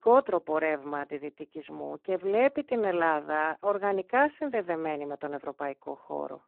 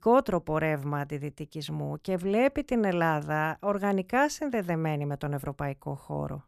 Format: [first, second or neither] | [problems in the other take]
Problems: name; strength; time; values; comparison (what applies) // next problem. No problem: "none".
second | phone-call audio; poor line